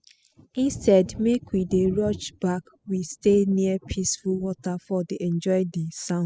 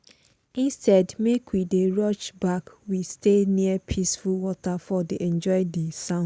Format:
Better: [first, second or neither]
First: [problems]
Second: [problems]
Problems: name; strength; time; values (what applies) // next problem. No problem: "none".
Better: second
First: noise reduction (classical method spectral subtraction)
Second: none